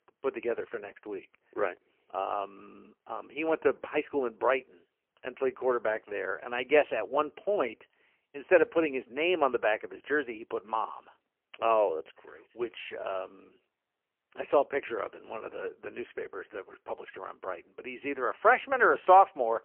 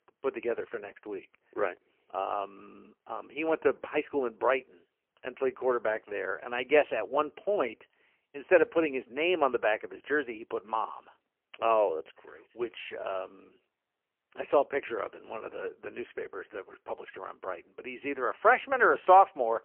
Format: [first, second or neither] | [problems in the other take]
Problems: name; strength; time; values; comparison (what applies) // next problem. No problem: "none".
neither | phone-call audio; poor line; nothing above 3 kHz; the same in both